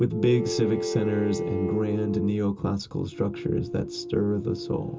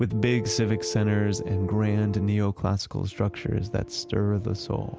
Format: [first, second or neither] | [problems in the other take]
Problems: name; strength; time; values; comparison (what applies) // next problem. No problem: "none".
second | background sound (Bowed string instrument); 20 dB below the speech // room echo; dies away in 0.2 s